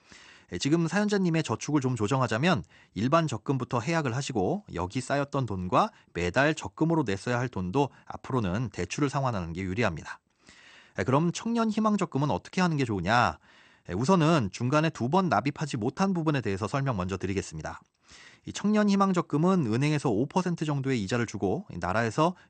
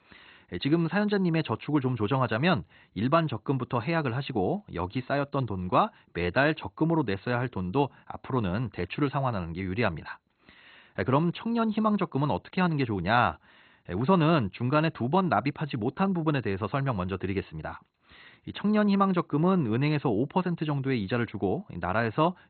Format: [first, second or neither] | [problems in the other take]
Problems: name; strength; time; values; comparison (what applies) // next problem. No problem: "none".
first | garbled, watery; badly; nothing above 4 kHz; slightly in the first